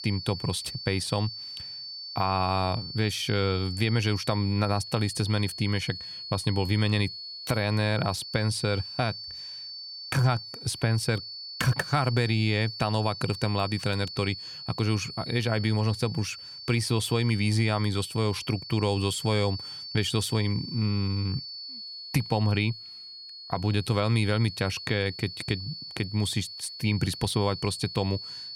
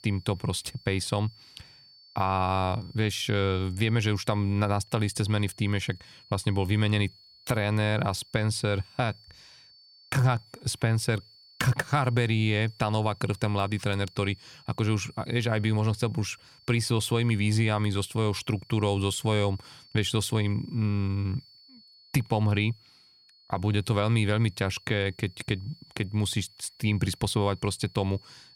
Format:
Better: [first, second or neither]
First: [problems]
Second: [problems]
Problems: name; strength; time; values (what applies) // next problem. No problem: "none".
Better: second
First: high-pitched whine; loud; throughout; 4.5 kHz, 9 dB below the speech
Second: high-pitched whine; faint; throughout; 4.5 kHz, 25 dB below the speech